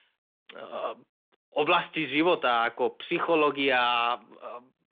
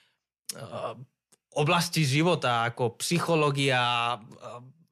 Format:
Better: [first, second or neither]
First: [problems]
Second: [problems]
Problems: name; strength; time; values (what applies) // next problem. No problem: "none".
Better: second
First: phone-call audio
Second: none